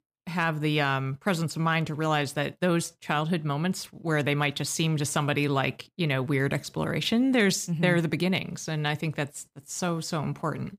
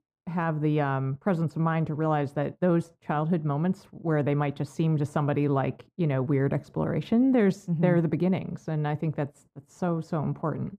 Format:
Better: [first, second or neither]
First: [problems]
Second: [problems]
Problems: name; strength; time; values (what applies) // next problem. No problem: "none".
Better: first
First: none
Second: muffled; very; fading above 2 kHz